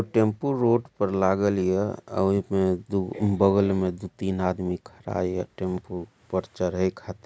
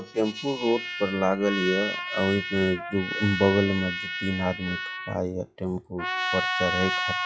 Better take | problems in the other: first | noise reduction (classical method log-MMSE)

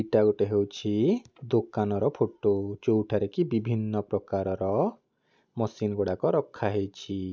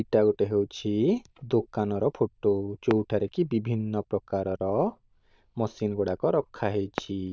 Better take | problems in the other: first | noise reduction (neural diffusion model UNIVERSE++)

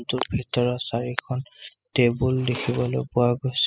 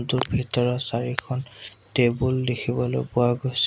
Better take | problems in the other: second | noise reduction (classical method spectral subtraction)

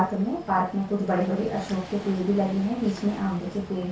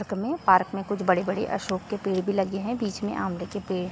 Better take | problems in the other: second | background sound (Waves, surf); 18 dB below the speech // room echo; dies away in 0.2 s

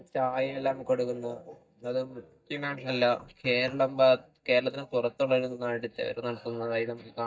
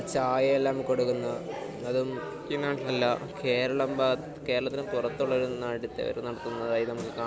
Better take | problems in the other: second | noise reduction (neural mask model DeepFilterNet 3)

